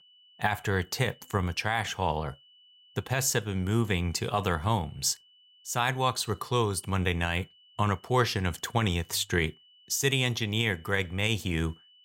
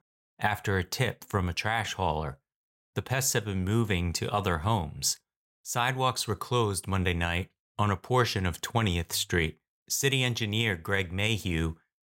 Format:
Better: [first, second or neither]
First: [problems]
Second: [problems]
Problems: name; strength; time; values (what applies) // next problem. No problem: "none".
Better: second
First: high-pitched whine; faint; throughout; 3 kHz, 30 dB below the speech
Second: none